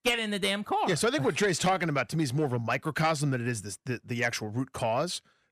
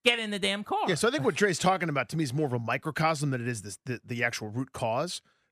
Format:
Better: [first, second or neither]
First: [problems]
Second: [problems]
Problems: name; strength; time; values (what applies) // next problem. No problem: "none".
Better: second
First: distortion; slight; 10 dB below the speech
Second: none